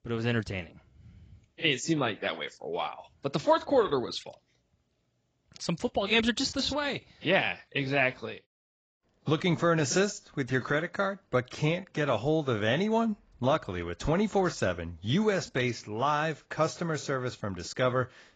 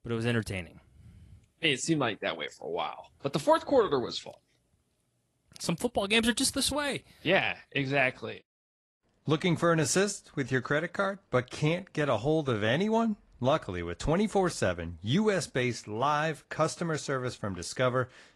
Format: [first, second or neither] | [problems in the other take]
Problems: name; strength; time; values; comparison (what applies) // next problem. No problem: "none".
second | garbled, watery; badly; nothing above 7.5 kHz; slightly in the second